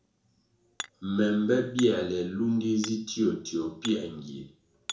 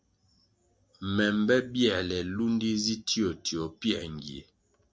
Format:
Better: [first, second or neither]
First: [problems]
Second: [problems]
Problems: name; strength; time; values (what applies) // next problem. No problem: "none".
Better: second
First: background sound (Hammer); 17 dB below the speech // room echo; dies away in 0.6 s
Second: none